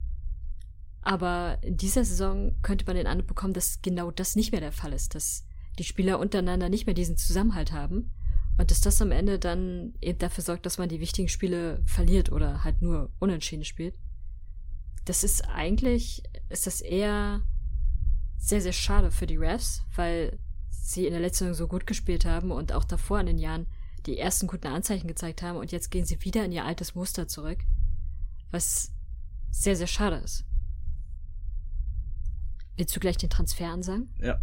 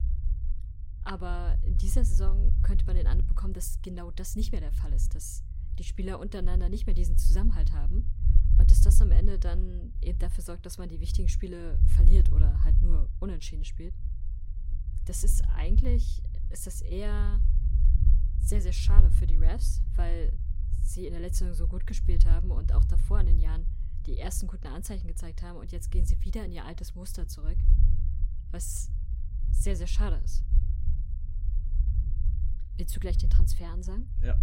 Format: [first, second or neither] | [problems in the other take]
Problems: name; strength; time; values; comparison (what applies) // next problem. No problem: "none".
first | low rumble; loud; throughout; 6 dB below the speech; faint in the first